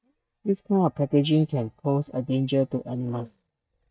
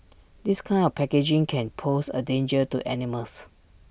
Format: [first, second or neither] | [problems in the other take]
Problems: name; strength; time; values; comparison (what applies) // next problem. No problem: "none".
second | noise reduction (neural mask model DeepFilterNet 3)